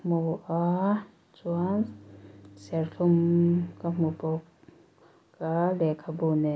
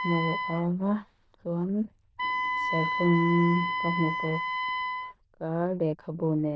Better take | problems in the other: first | noise reduction (neural diffusion model UNIVERSE++)

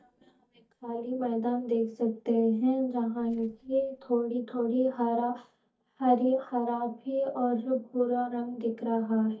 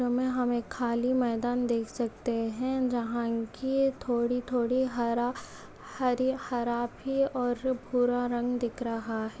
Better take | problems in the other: second | noise reduction (neural mask model DeepFilterNet 3)

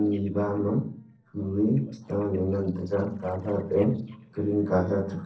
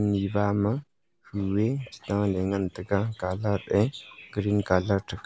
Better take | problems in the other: second | noise reduction (neural separator model SepFormer DNS4)

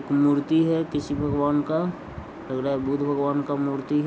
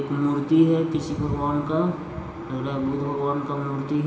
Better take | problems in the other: first | room echo; dies away in 2.1 s

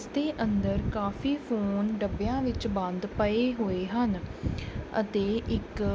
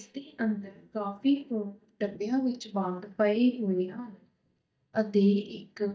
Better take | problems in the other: first | noise reduction (neural mask model DeepFilterNet 3)

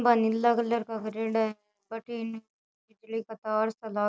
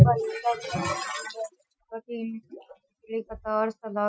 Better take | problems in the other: first | noise reduction (classical method Wiener filter)

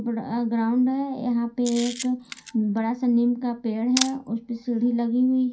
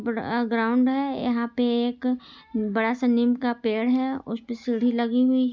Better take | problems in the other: second | background sound (Camera); 12 dB below the speech // room echo; dies away in 0.3 s

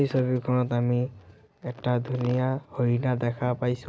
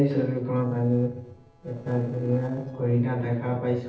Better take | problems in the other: first | noise reduction (neural separator model SepFormer DNS4)

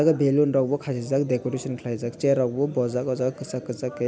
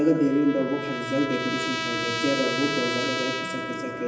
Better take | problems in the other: first | background sound (Trumpet); 5 dB below the speech // room echo; dies away in 0.8 s

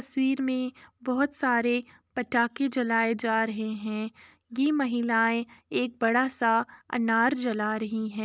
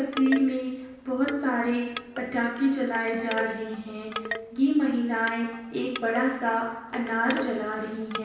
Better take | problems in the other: first | background sound (Wind chime / Wood); 12 dB below the speech // room echo; dies away in 0.9 s

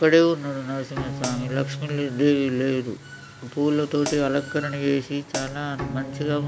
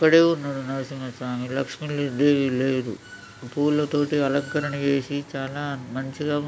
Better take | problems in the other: second | background sound (Bowed string instrument + Hi-hat); 11 dB below the speech

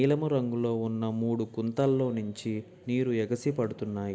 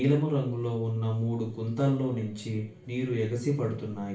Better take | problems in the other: first | room echo; dies away in 0.3 s

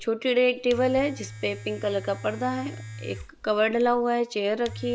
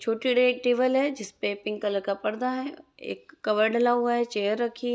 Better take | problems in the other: second | background sound (Domestic sounds, home sounds); 15 dB below the speech

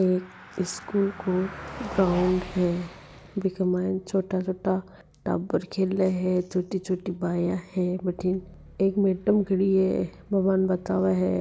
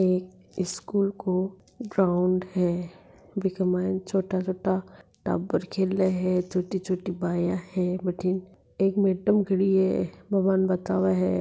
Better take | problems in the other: second | background sound (Car passing by); 18 dB below the speech

